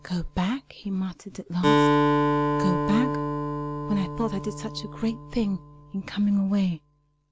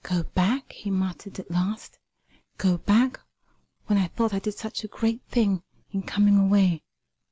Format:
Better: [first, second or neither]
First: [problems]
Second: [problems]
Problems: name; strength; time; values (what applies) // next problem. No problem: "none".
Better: second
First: background sound (Acoustic guitar); 1 dB above the speech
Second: none